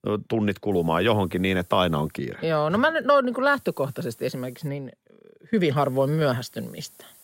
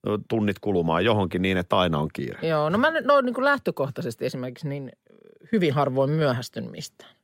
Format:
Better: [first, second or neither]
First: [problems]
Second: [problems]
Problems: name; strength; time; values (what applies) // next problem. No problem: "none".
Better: second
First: hiss; faint; from 0.5 to 2 s, from 3.5 to 4.5 s and from 6 s on; 25 dB below the speech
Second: none